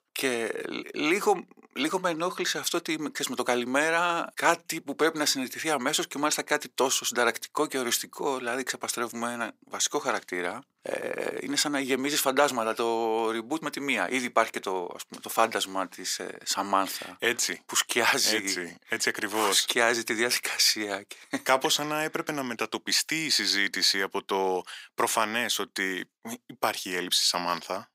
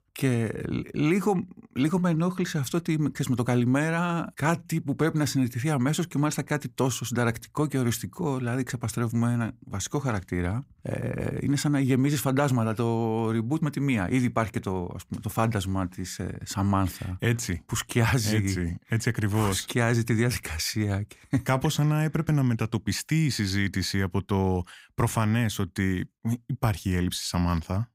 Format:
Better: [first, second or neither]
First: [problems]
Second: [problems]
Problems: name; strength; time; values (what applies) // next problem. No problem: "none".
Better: second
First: thin; very; fading below 400 Hz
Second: none